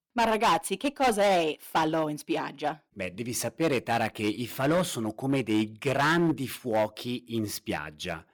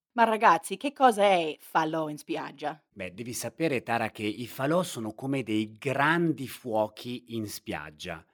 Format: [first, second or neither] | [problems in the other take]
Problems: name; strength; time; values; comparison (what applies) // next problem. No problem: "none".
second | distortion; heavy; 7% of the sound clipped